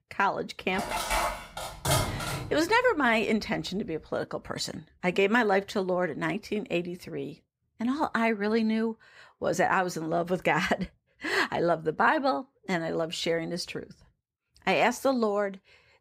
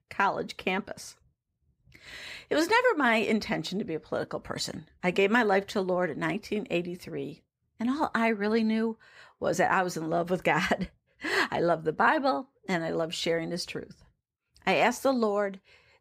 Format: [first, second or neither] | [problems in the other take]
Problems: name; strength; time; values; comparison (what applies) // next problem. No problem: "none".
second | clattering dishes; loud; from 1 to 2.5 s; peak 1 dB above the speech